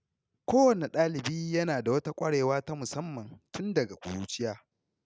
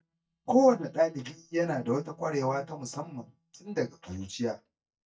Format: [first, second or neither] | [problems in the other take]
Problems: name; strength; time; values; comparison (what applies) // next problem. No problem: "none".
first | noise reduction (neural mask model DeepFilterNet 3)